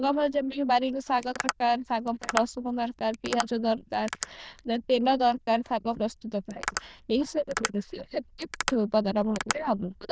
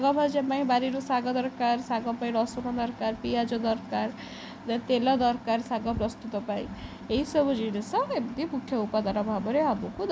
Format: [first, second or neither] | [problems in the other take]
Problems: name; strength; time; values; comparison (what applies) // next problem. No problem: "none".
second | noise reduction (neural diffusion model UNIVERSE++)